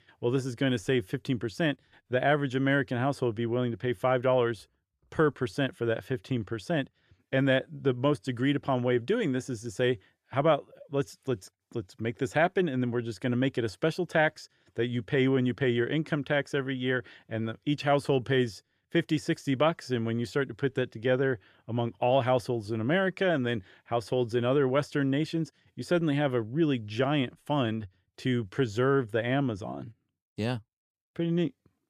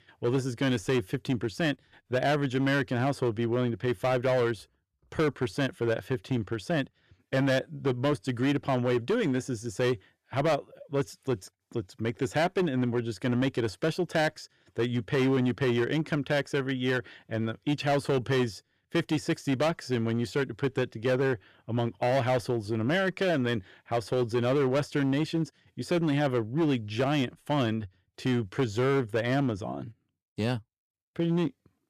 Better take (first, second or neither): first